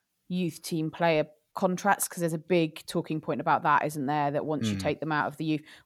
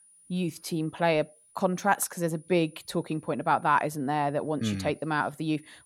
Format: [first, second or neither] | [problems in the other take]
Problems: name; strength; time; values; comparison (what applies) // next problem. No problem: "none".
first | high-pitched whine; faint; throughout; 9.5 kHz, 30 dB below the speech